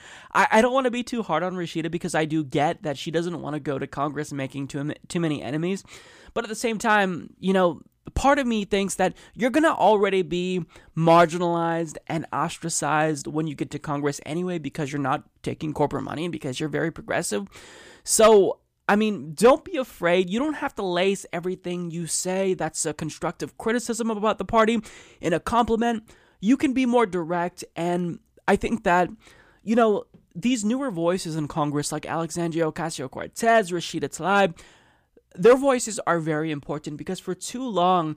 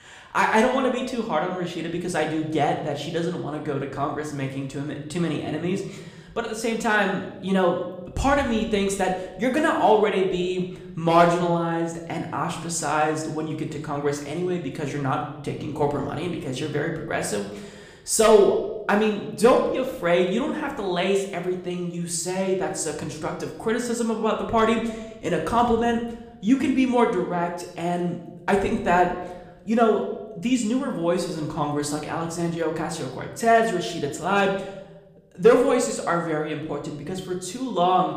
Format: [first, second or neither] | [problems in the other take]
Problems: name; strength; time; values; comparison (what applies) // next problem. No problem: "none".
first | room echo; slight; dies away in 0.8 s // off-mic speech; somewhat distant